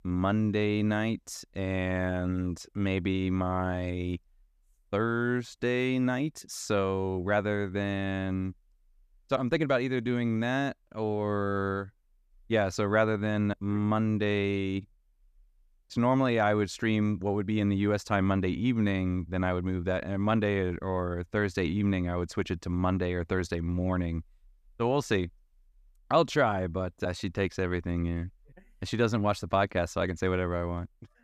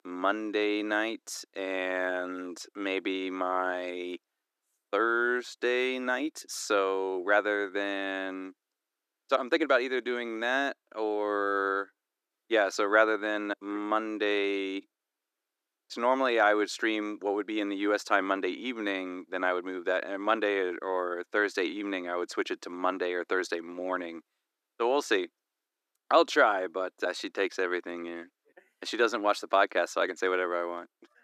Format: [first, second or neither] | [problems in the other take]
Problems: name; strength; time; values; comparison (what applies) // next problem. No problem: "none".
first | thin; somewhat; fading below 300 Hz